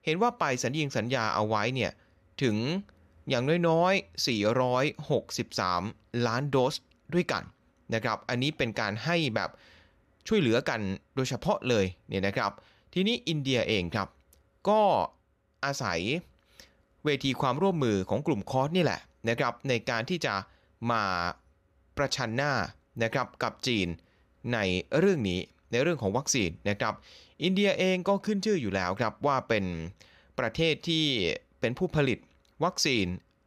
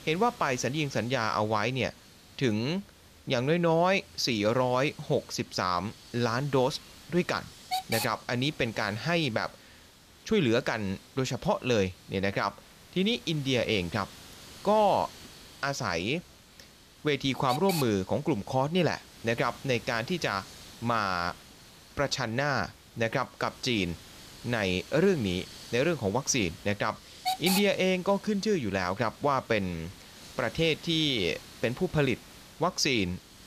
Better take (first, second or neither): first